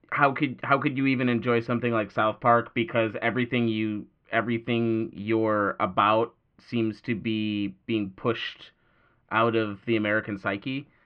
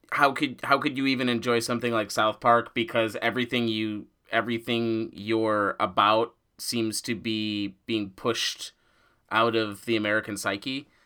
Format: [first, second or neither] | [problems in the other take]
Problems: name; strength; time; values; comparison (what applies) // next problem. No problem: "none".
second | muffled; very; fading above 2.5 kHz